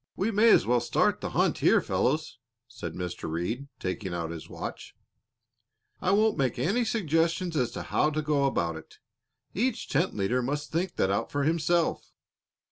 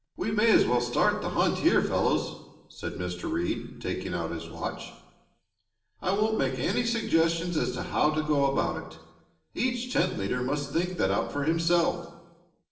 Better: first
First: none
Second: room echo; dies away in 0.9 s

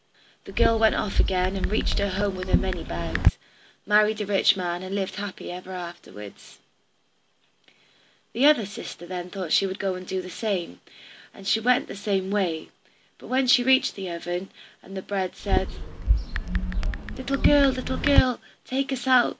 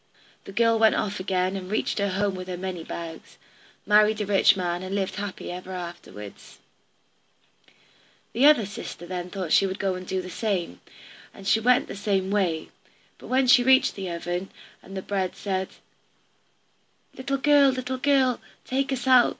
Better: second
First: background sound (Chatter / Chirp, tweet / Car passing by / Typing); 2 dB above the speech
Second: none

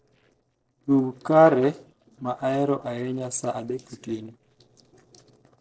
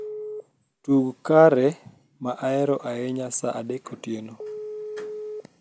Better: second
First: noise reduction (neural separator model SepFormer DNS4)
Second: none

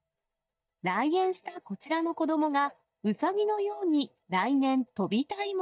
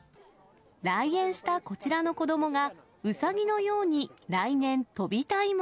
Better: second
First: noise reduction (neural mask model DeepFilterNet 3)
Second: none

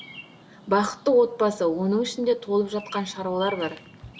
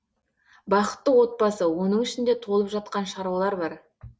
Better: second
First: background sound (Bird vocalization, bird call, bird song); 20 dB below the speech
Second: none

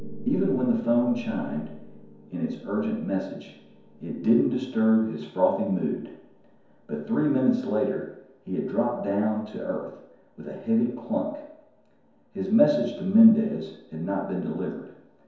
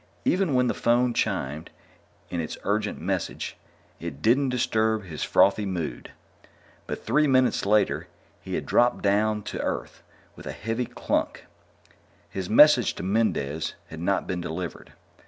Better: second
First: background sound (Piano); 20 dB below the speech // room echo; dies away in 0.9 s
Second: none

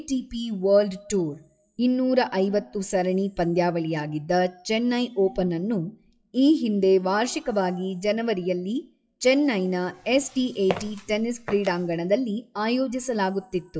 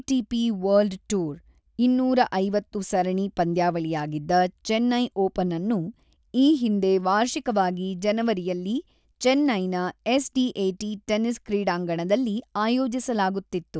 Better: second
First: noise reduction (classical method WPE with log-MMSE)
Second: none

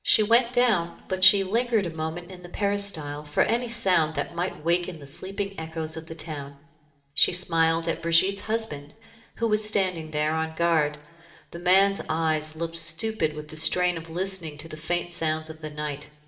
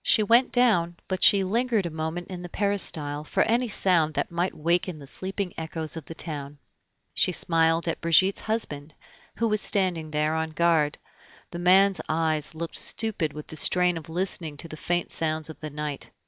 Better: second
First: room echo; dies away in 1.6 s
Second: none

